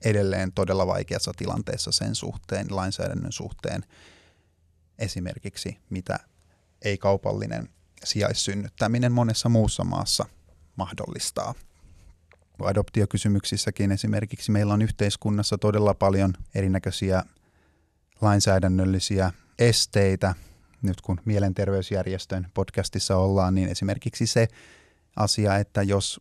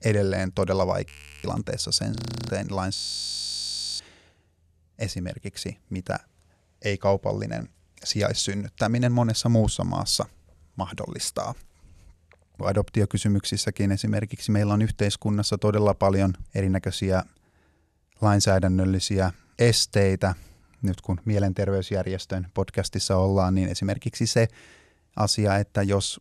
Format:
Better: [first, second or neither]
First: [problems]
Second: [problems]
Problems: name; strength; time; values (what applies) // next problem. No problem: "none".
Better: first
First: none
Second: audio freezing; at 1 s, at 2 s and at 3 s for 1 s